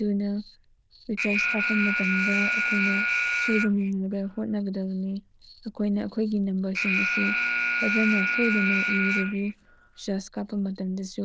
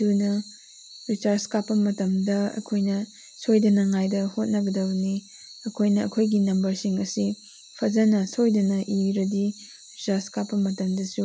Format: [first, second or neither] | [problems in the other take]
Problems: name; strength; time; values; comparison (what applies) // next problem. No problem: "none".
second | noise reduction (neural diffusion model UNIVERSE++)